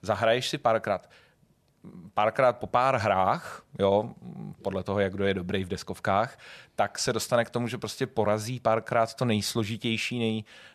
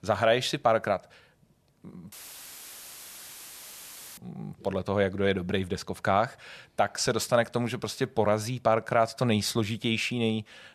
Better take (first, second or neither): first